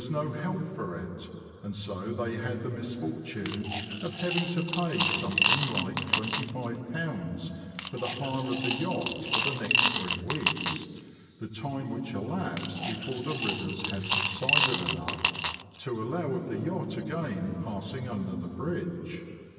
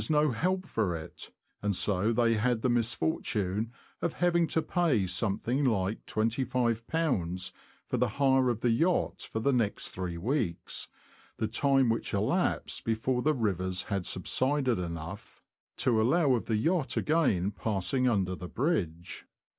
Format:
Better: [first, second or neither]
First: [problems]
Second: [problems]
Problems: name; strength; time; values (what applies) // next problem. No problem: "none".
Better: second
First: background sound (Coin (dropping) / Glass); 2 dB above the speech // room echo; dies away in 2.6 s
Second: none